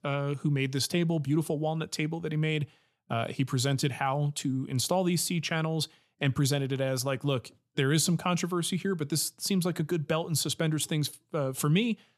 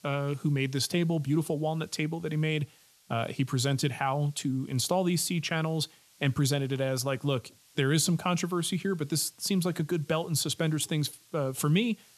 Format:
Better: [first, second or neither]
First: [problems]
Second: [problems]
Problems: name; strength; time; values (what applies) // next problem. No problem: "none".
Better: first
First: none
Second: hiss; faint; throughout; 30 dB below the speech